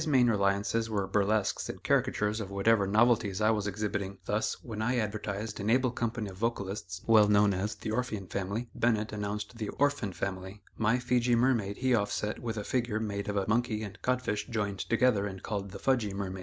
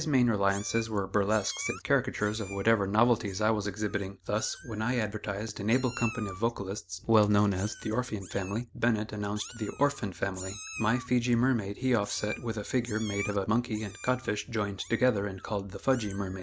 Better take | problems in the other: first | background sound (Meow); 17 dB below the speech

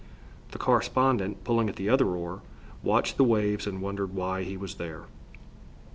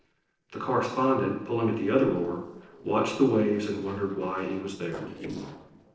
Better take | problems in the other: first | noise reduction (neural separator model SepFormer DNS4)

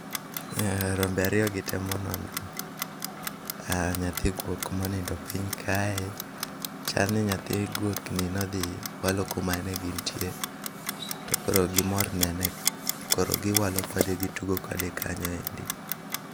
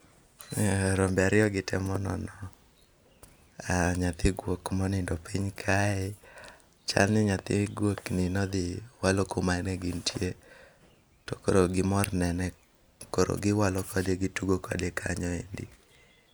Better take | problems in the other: second | background sound (Clock); 4 dB below the speech

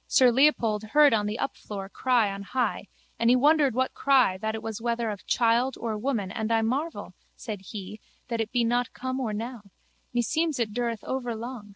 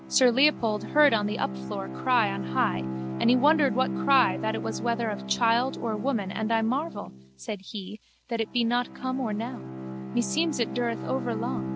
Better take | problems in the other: first | background sound (Bowed string instrument); 8 dB below the speech

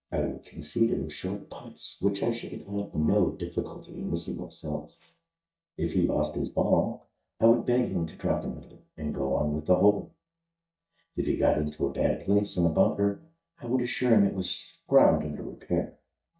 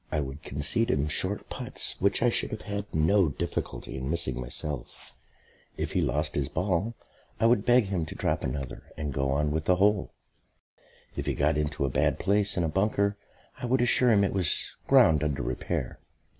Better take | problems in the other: second | noise reduction (neural mask model DeepFilterNet 3)

